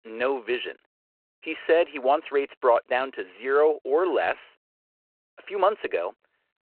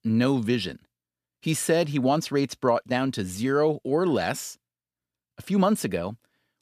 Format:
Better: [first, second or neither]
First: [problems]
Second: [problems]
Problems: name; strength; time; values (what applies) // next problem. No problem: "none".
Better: second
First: phone-call audio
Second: none